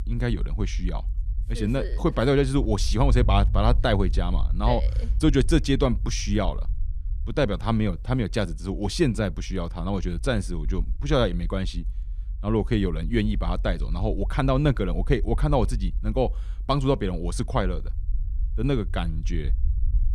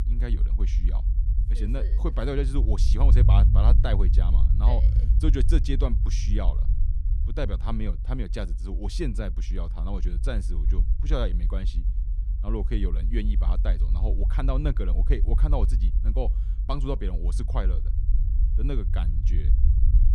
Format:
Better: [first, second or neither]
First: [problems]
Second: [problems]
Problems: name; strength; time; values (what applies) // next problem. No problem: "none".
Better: first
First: low rumble; faint; throughout; 25 dB below the speech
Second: low rumble; loud; throughout; 9 dB below the speech